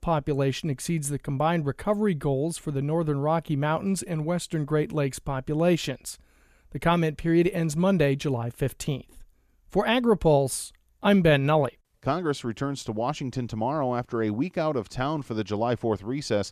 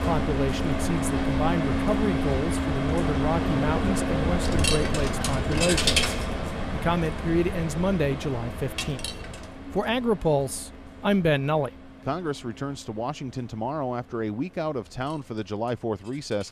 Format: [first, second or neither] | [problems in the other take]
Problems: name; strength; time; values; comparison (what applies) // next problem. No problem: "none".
first | household noises; very loud; throughout; 1 dB above the speech